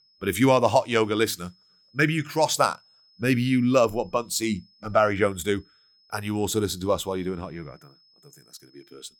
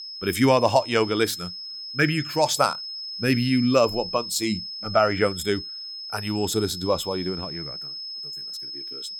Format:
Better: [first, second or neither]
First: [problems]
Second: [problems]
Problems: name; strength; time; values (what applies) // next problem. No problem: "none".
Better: first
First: high-pitched whine; faint; throughout; 5 kHz, 35 dB below the speech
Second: high-pitched whine; loud; throughout; 5 kHz, 9 dB below the speech